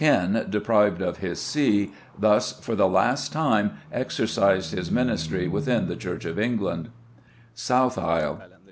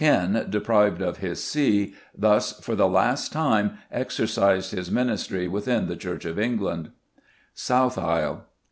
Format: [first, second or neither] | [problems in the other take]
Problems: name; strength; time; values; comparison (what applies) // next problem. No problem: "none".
second | background sound (Livestock, farm animals, working animals); 16 dB below the speech